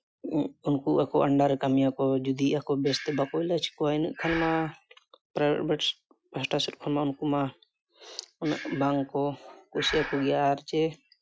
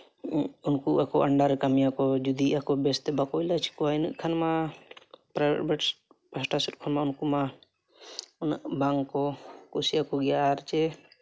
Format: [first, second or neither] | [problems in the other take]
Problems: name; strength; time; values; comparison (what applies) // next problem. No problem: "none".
second | noise reduction (classical method Wiener filter)